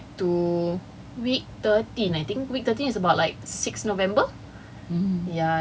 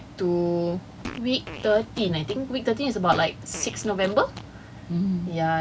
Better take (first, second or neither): first